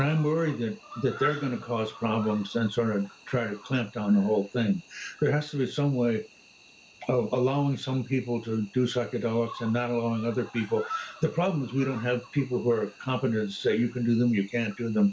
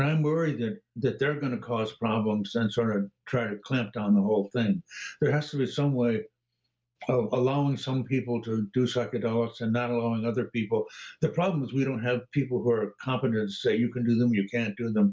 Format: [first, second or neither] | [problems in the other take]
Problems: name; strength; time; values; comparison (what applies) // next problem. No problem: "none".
second | background sound (Cricket); 18 dB below the speech